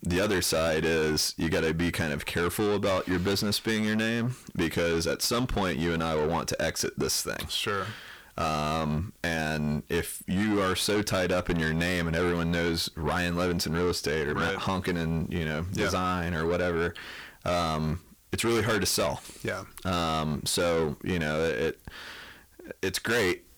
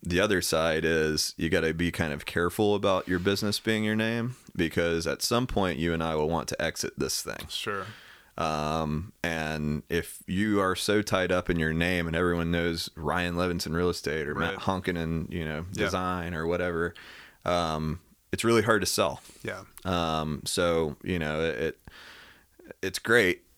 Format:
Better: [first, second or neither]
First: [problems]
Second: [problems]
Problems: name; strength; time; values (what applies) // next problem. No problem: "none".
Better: second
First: distortion; heavy; 7 dB below the speech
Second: none